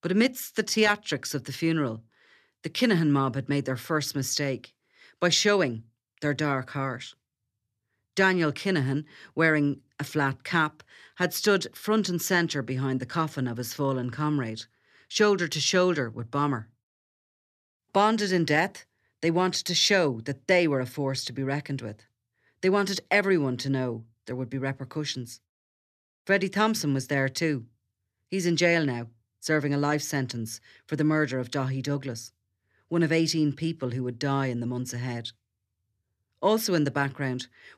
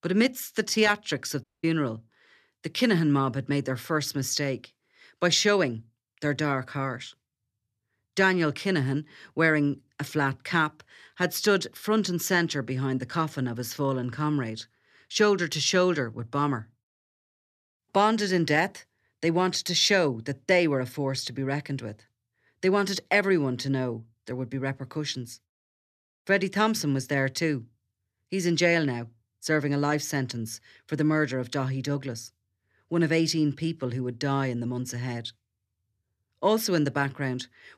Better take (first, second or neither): first